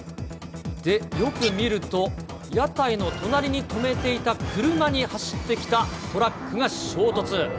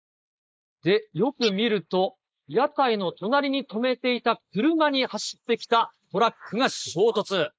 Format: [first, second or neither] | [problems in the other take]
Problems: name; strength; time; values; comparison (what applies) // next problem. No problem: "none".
first | noise reduction (neural mask model Resemble Enhance denoiser)